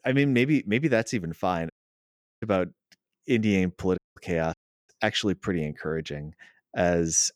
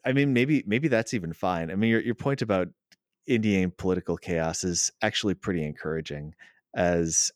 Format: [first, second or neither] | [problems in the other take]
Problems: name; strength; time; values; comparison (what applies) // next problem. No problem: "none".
second | audio cutting out; at 1.5 s for 0.5 s, at 4 s and at 4.5 s